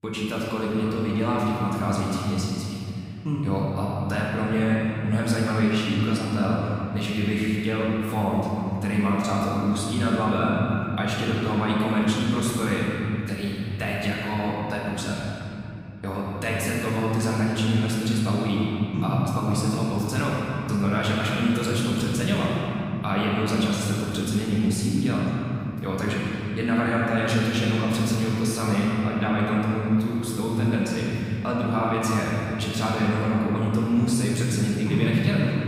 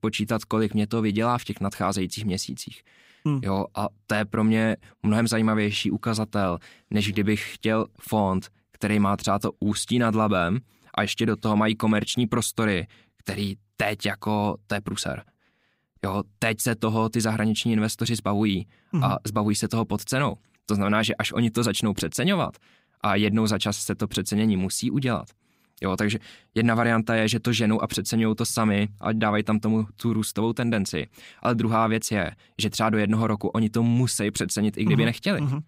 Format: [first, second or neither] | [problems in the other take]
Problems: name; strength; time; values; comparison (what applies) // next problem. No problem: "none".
second | room echo; strong; dies away in 3 s // off-mic speech; far